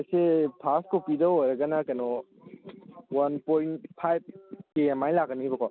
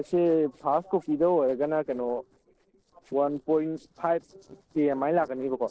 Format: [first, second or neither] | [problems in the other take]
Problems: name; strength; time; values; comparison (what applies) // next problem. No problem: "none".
first | noise reduction (neural separator model SepFormer DNS4)